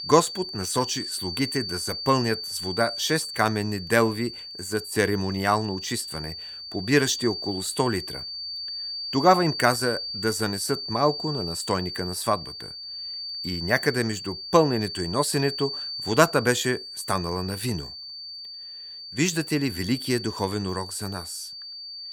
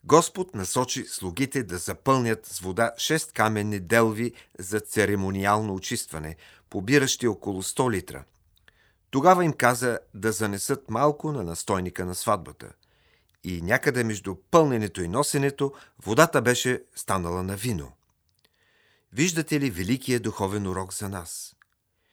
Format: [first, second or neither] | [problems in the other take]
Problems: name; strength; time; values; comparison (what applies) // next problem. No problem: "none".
second | high-pitched whine; loud; throughout; 4.5 kHz, 7 dB below the speech